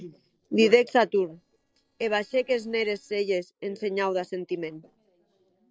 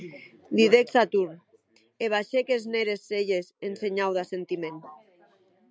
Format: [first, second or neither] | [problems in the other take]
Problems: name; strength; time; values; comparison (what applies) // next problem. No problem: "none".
second | noise reduction (neural separator model SepFormer DNS4)